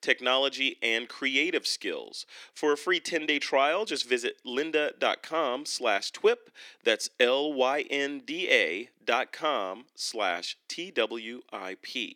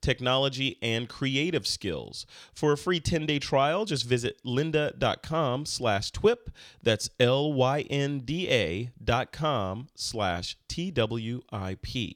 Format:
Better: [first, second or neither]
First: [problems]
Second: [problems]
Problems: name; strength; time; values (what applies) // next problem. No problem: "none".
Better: second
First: thin; somewhat; fading below 300 Hz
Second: none